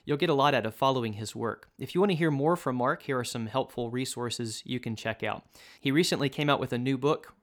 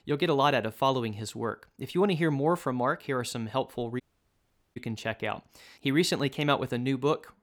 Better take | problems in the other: first | audio cutting out; at 4 s for 1 s

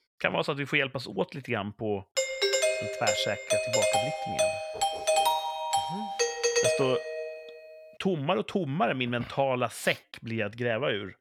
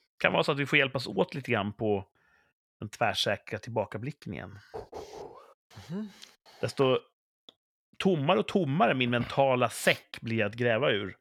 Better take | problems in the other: second | doorbell; loud; from 2 to 7.5 s; peak 6 dB above the speech

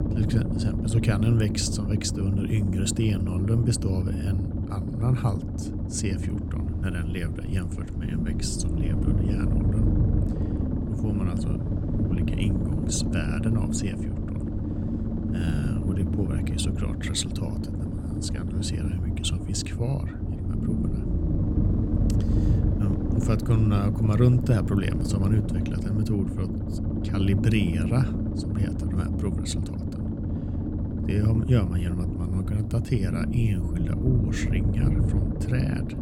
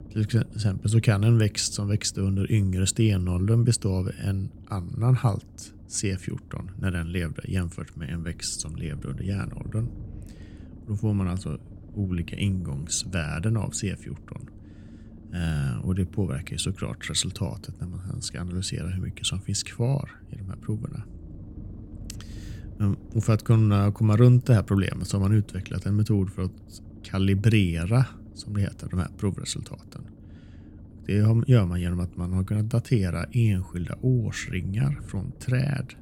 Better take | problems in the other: second | low rumble; loud; throughout; 2 dB below the speech; faint in the second

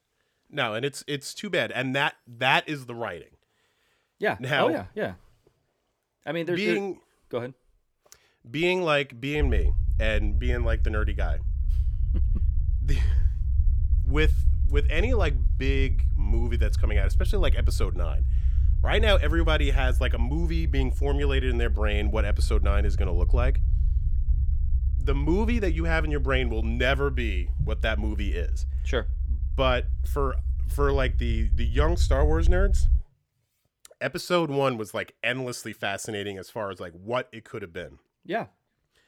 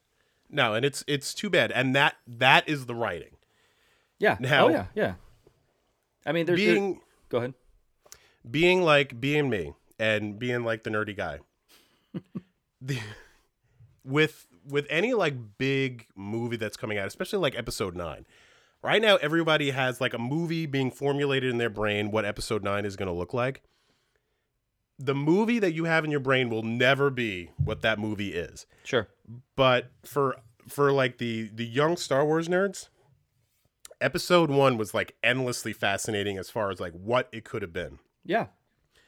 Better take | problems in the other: second | low rumble; noticeable; from 9.5 to 33 s; 20 dB below the speech

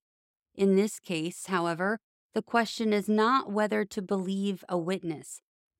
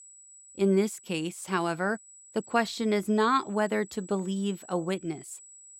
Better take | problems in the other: first | high-pitched whine; faint; throughout; 8 kHz, 20 dB below the speech

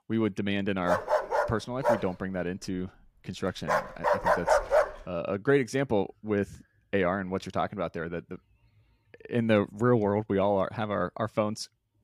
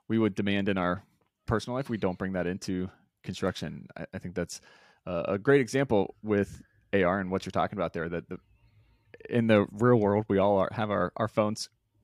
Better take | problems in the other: second | dog barking; loud; from 1 to 5 s; peak 6 dB above the speech

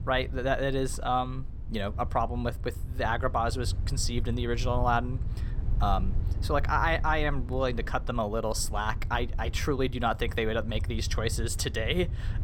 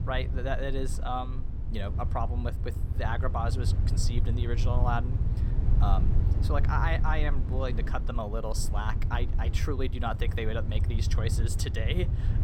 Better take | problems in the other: first | low rumble; loud; throughout; 10 dB below the speech; faint in the first

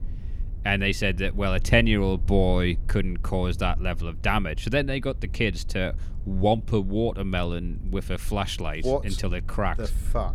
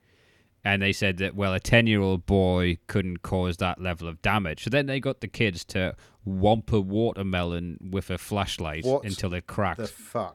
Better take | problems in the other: second | low rumble; faint; throughout; 25 dB below the speech

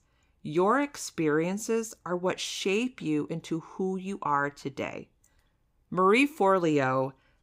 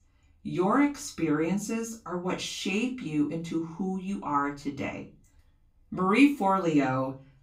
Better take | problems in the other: first | off-mic speech; far // room echo; very slight; dies away in 0.3 s

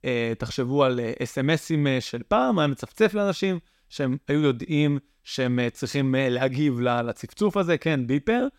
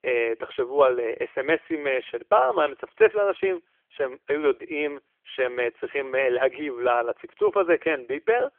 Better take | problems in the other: first | phone-call audio; nothing above 3.5 kHz

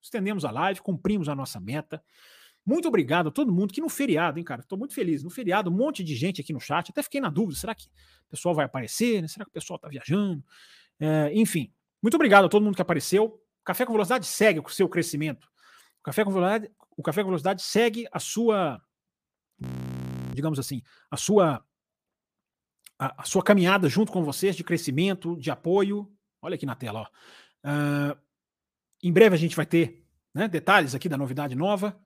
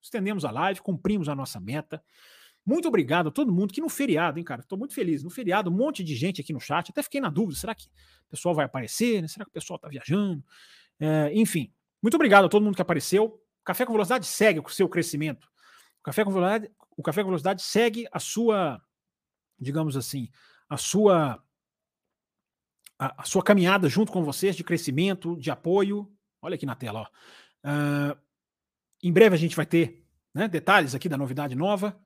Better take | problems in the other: second | audio freezing; at 20 s for 0.5 s

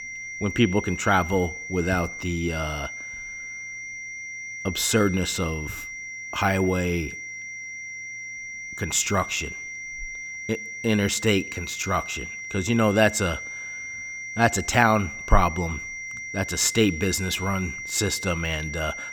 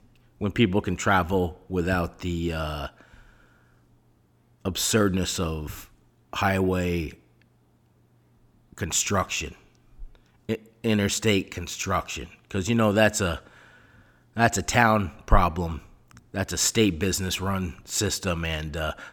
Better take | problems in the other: second | high-pitched whine; loud; throughout; 2 kHz, 9 dB below the speech

